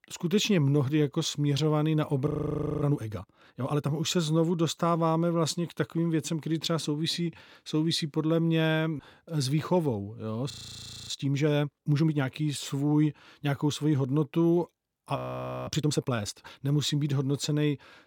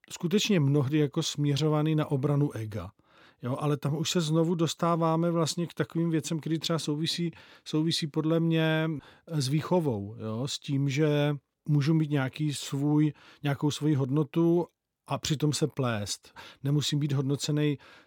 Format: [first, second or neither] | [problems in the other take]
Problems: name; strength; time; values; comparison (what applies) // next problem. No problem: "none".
second | audio freezing; at 2.5 s for 0.5 s, at 11 s for 0.5 s and at 15 s for 0.5 s